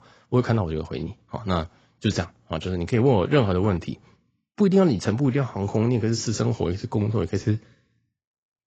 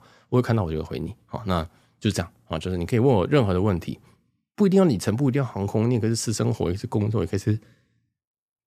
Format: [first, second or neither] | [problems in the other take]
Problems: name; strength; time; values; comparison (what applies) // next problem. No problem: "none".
second | garbled, watery; badly; nothing above 7.5 kHz